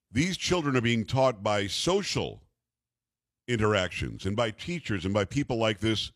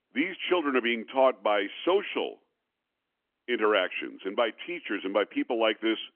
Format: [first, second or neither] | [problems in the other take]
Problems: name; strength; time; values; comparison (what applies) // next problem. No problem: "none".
first | phone-call audio; nothing above 3 kHz